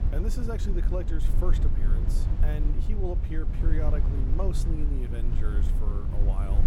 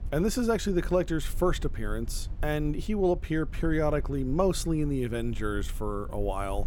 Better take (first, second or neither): second